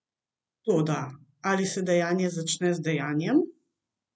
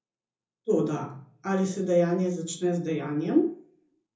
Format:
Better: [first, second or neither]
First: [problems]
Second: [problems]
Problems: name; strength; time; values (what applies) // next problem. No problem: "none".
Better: first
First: none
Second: room echo; dies away in 0.6 s